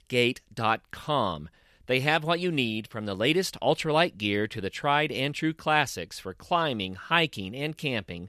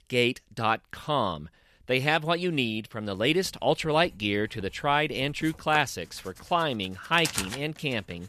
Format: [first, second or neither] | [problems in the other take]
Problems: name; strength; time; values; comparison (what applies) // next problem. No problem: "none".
first | household noises; noticeable; from 3 s on; 10 dB below the speech